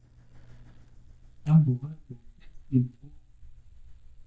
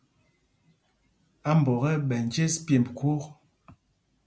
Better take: second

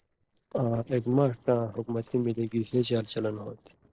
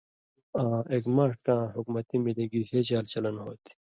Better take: second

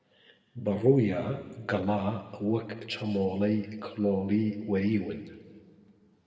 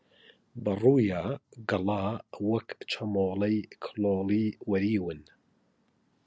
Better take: second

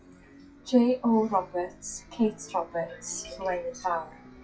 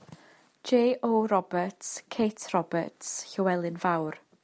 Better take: second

